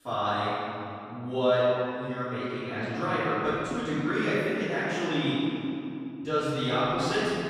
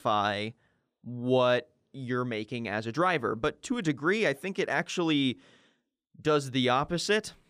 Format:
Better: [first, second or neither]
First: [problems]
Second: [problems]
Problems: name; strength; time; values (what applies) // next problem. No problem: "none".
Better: second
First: off-mic speech; far // room echo; strong; dies away in 2.8 s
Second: none